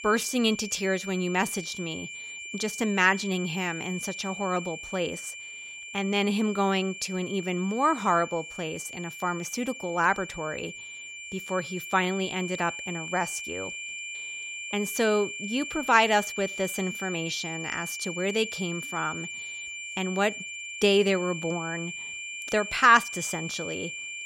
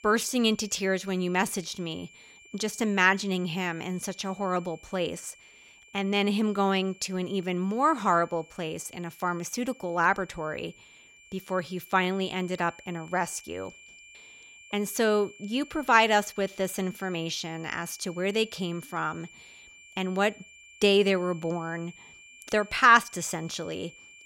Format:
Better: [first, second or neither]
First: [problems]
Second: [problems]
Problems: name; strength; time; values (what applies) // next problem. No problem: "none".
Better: second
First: high-pitched whine; loud; throughout; 2.5 kHz, 8 dB below the speech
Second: high-pitched whine; faint; throughout; 2.5 kHz, 25 dB below the speech